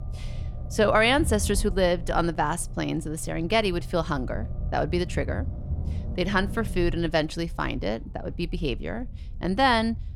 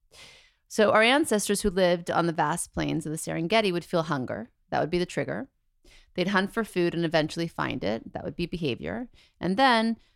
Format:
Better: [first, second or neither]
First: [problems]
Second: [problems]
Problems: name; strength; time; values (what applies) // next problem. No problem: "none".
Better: second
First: low rumble; faint; throughout; 20 dB below the speech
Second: none